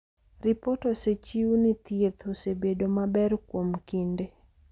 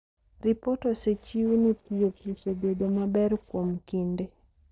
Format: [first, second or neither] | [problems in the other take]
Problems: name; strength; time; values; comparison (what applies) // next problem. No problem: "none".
first | noise reduction (neural separator model SepFormer DNS4)